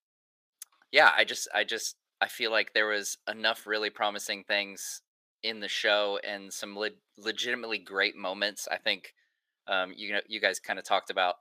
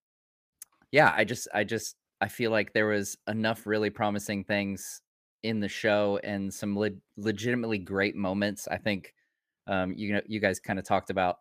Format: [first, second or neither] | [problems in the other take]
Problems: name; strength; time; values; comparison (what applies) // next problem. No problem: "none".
second | thin; very; fading below 500 Hz